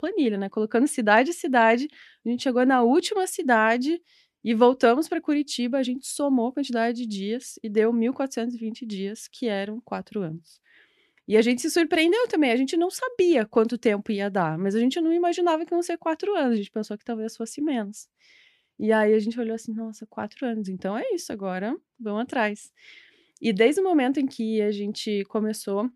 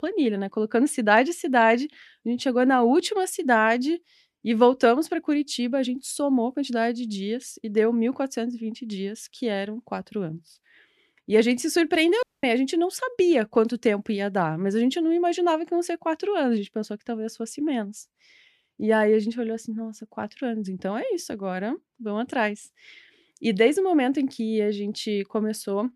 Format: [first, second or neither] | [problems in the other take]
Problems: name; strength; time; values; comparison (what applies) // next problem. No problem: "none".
first | audio cutting out; at 12 s